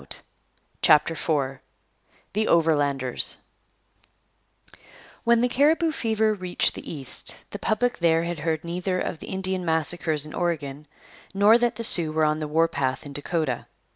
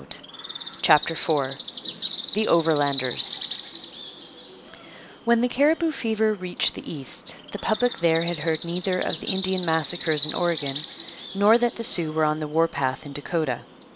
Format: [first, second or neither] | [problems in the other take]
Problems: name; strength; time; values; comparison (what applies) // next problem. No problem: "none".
first | background sound (Bird); 12 dB below the speech